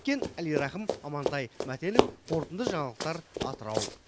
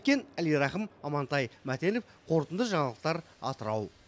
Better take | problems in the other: second | background sound (Run); as loud as the speech

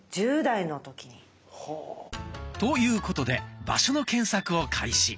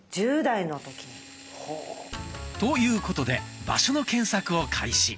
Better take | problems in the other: first | background sound (Drill); 19 dB below the speech

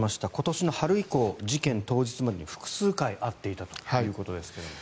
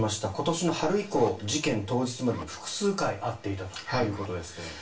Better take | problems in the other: first | background sound (Zipper (clothing)); 18 dB below the speech // room echo; dies away in 0.3 s

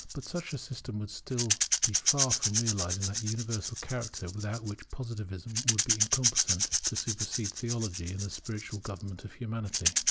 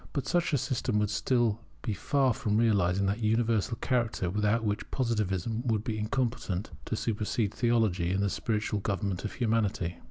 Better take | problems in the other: second | background sound (Rattle / Rattle (instrument)); 3 dB above the speech

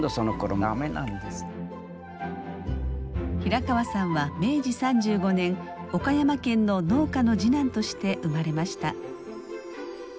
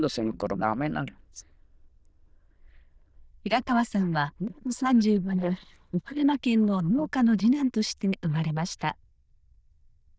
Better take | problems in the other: first | noise reduction (neural diffusion model UNIVERSE++)

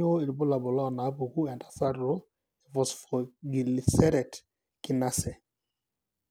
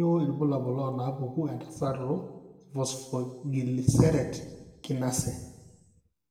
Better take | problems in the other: first | room echo; dies away in 0.9 s

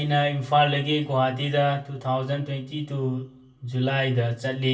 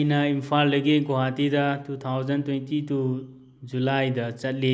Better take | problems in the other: second | room echo; dies away in 0.2 s

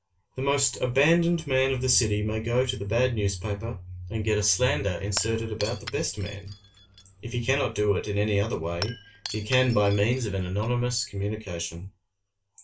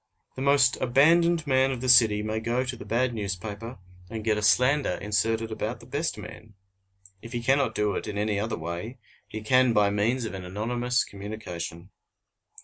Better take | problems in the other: second | background sound (Shatter / Crushing); 16 dB below the speech // room echo; dies away in 0.2 s

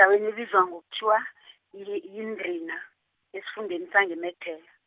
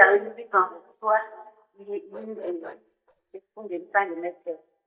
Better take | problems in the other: first | noise reduction (neural mask model DeepFilterNet 3)

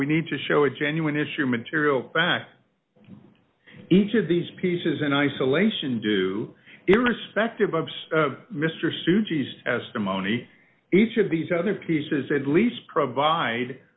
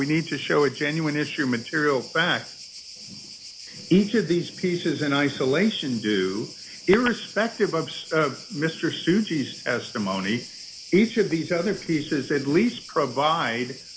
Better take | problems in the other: first | background sound (Cricket); 17 dB below the speech

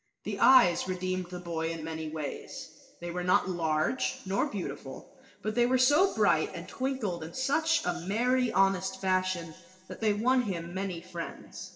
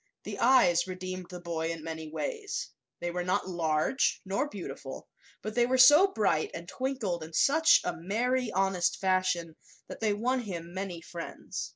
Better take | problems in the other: second | room echo; dies away in 1.7 s

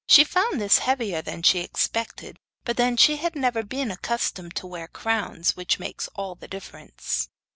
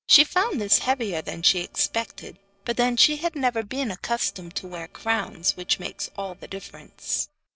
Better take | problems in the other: first | noise reduction (neural separator model SepFormer DNS4)

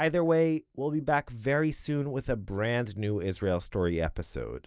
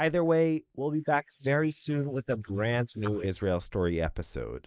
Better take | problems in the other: first | noise reduction (neural mask model Resemble Enhance denoiser)

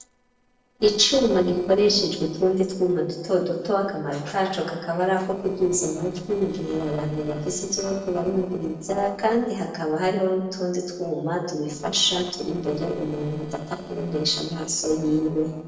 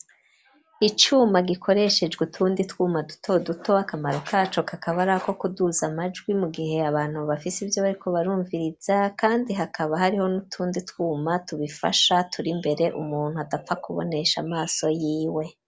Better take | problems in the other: second | noise reduction (neural separator model SepFormer DNS4)

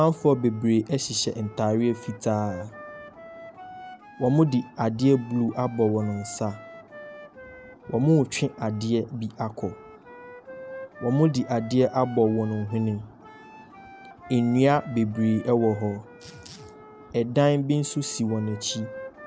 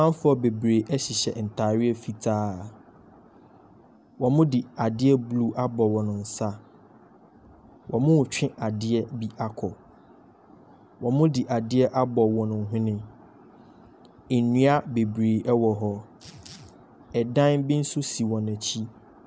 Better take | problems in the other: second | background sound (Wind instrument, woodwind instrument); 19 dB below the speech

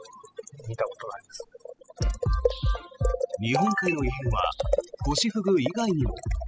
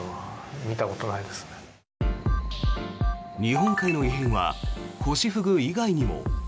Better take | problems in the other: second | noise reduction (classical method spectral subtraction)

